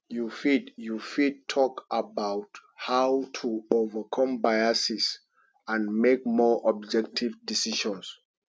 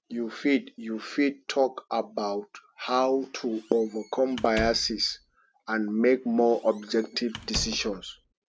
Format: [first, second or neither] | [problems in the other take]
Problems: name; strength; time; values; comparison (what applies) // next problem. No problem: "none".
first | background sound (Squeak / Slam); 15 dB below the speech